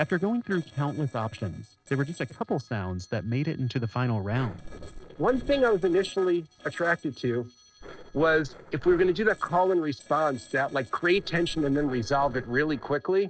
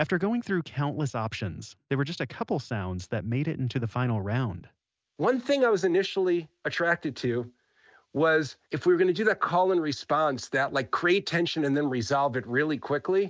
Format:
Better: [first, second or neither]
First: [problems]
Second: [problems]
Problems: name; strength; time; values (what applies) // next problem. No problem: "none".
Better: second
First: noise reduction (neural separator model SepFormer DNS4)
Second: none